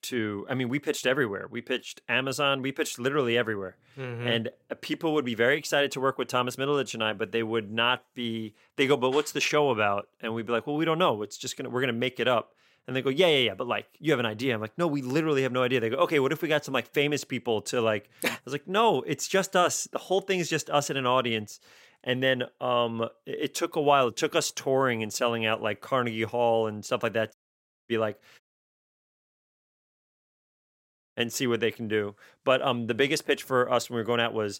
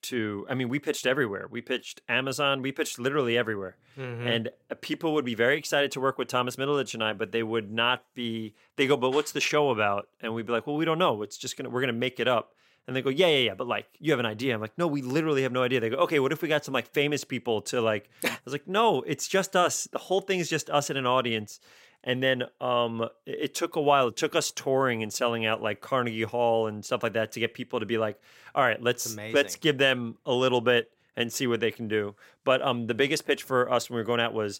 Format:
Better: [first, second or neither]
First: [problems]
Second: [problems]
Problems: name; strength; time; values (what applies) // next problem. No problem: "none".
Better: second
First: audio cutting out; at 27 s for 0.5 s and at 28 s for 3 s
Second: none